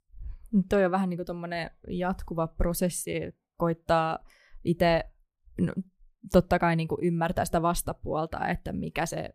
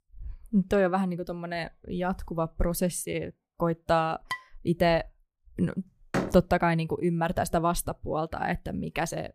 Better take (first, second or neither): first